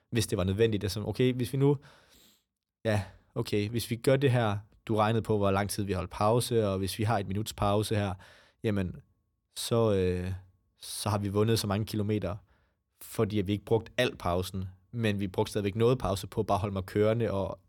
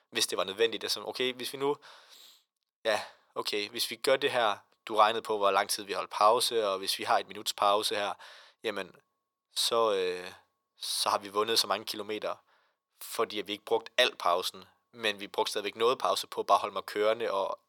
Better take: first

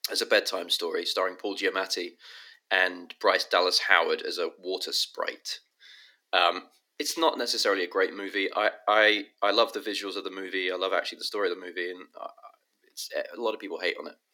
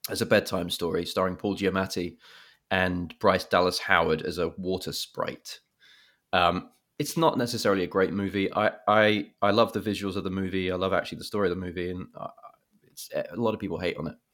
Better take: second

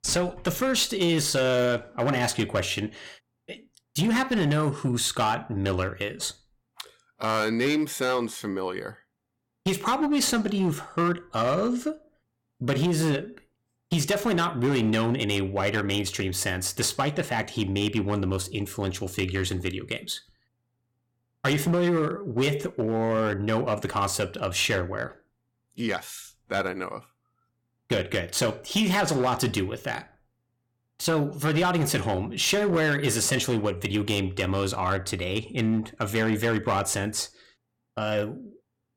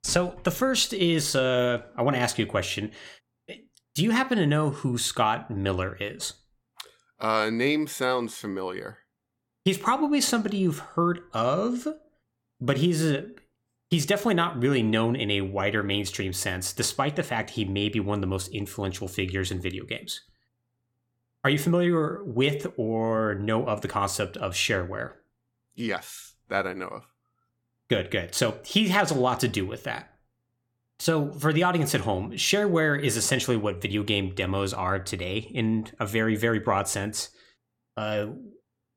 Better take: second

